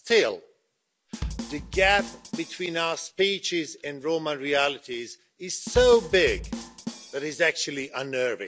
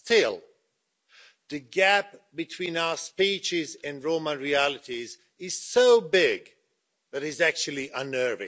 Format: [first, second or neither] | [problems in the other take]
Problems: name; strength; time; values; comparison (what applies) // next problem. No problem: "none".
second | background sound (Drum kit); 10 dB below the speech